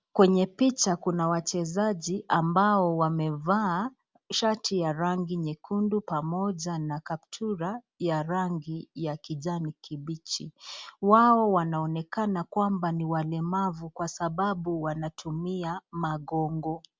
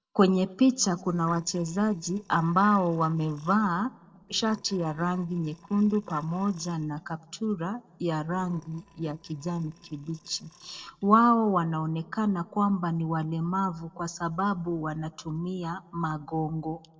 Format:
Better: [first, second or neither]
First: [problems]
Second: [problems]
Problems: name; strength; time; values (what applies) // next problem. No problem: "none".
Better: first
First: none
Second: noise reduction (neural separator model SepFormer DNS4)